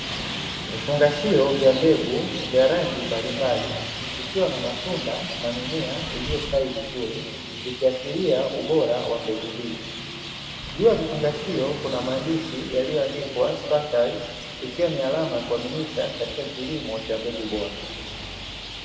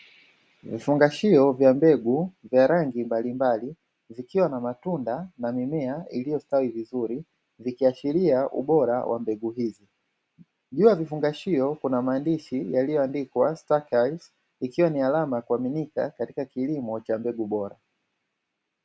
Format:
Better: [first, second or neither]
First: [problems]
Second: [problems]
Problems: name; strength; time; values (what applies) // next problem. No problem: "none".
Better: second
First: background sound (Traffic noise, roadway noise); 8 dB below the speech // room echo; dies away in 2.2 s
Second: none